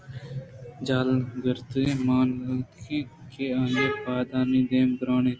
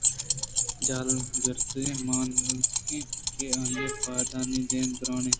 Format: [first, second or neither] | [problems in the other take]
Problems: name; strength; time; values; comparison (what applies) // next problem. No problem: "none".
first | background sound (Keys jangling); 4 dB above the speech